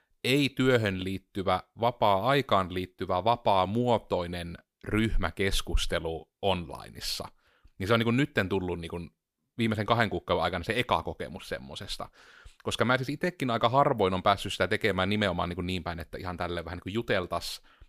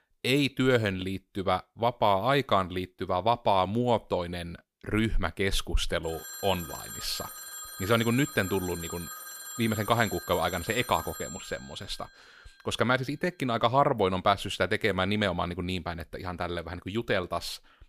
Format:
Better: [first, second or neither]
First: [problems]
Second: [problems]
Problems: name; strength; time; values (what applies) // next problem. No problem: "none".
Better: first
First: none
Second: phone ringing; noticeable; from 6 to 12 s; peak 10 dB below the speech